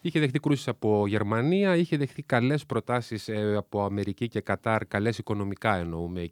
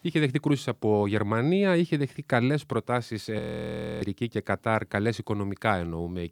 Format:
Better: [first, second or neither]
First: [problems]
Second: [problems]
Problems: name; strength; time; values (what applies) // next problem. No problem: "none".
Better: first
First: none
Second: audio freezing; at 3.5 s for 0.5 s